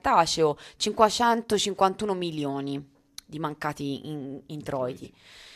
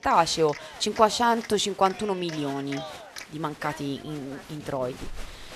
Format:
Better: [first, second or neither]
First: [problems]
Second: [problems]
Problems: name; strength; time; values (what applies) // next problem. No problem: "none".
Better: first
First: none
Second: crowd noise; noticeable; throughout; 15 dB below the speech